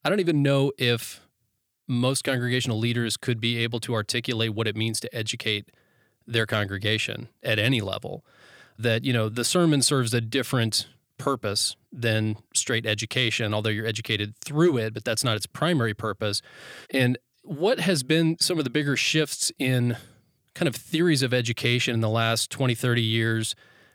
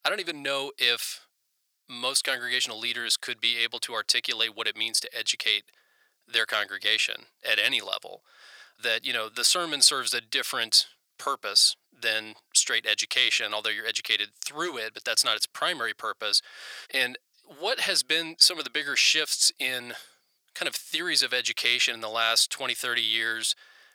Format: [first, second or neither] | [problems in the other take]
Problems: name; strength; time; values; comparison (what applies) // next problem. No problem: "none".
first | thin; very; fading below 850 Hz